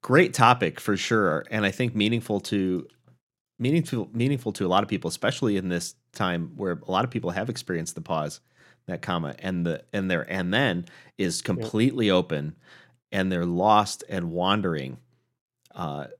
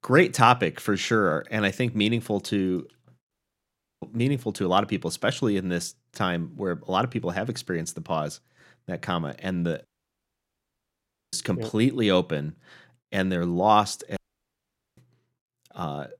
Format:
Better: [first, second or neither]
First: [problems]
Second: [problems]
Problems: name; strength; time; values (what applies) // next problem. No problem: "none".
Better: first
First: none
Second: audio cutting out; at 3.5 s for 0.5 s, at 10 s for 1.5 s and at 14 s for 1 s